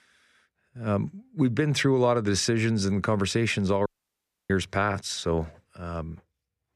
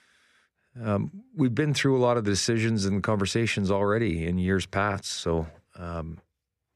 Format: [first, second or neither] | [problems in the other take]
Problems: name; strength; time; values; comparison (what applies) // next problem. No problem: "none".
second | audio cutting out; at 4 s for 0.5 s